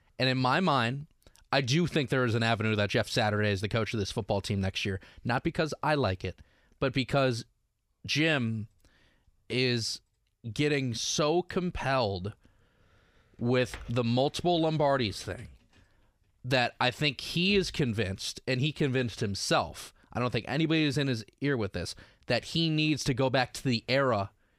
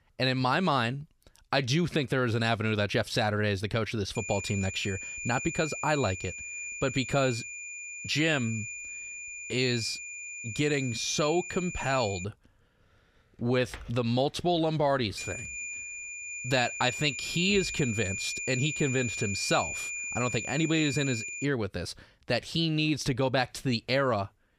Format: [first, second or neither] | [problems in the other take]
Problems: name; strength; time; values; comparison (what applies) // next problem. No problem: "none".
first | high-pitched whine; loud; from 4 to 12 s and from 15 to 21 s; 2.5 kHz, 7 dB below the speech